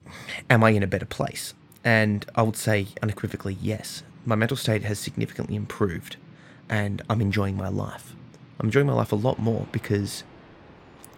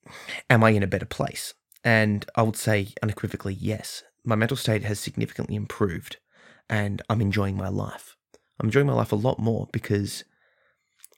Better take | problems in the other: second | rain or running water; faint; throughout; 25 dB below the speech

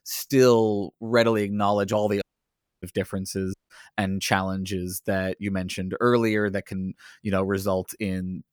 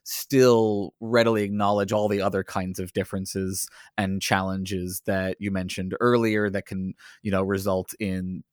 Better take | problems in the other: second | audio cutting out; at 2 s for 0.5 s and at 3.5 s

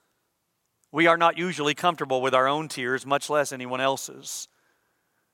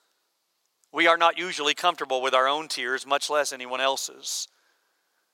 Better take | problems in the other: first | thin; somewhat; fading below 400 Hz

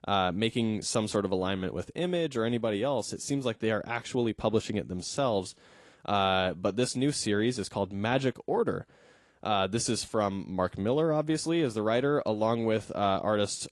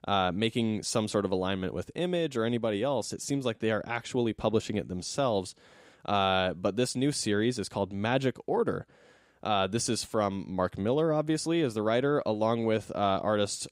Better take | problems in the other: second | garbled, watery; slightly

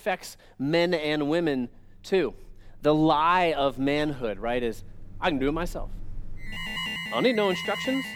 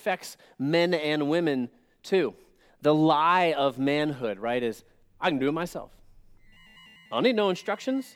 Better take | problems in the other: second | alarms or sirens; loud; throughout; 8 dB below the speech; faint in the second

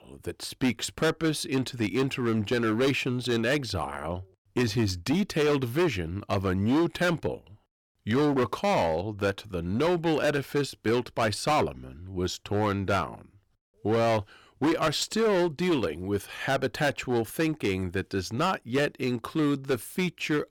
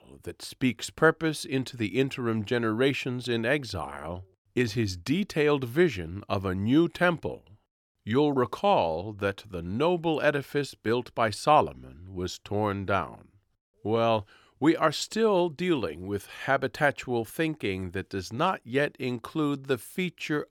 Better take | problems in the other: second | distortion; heavy; 11% of the sound clipped

